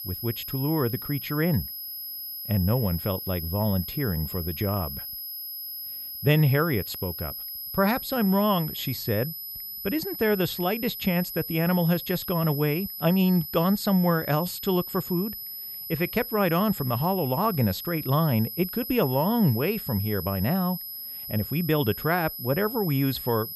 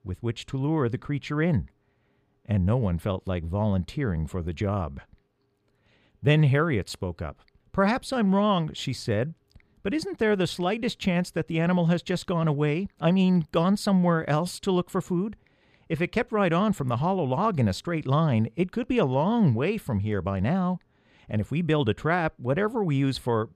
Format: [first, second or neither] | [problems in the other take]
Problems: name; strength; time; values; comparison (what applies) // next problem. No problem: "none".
second | high-pitched whine; loud; throughout; 11.5 kHz, 7 dB below the speech